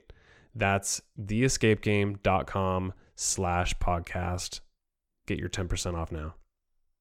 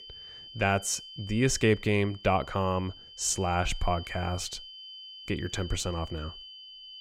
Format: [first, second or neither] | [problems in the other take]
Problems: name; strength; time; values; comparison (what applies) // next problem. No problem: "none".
first | high-pitched whine; noticeable; throughout; 3 kHz, 15 dB below the speech